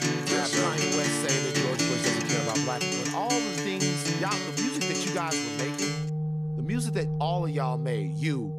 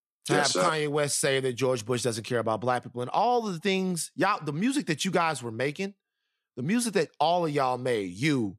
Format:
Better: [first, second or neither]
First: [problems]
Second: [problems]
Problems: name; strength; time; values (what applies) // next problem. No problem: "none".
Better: second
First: background music; very loud; throughout; 4 dB above the speech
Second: none